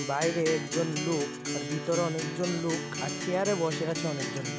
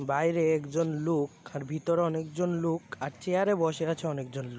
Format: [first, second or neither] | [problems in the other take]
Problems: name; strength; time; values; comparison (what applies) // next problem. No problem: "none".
second | background sound (Acoustic guitar); 4 dB below the speech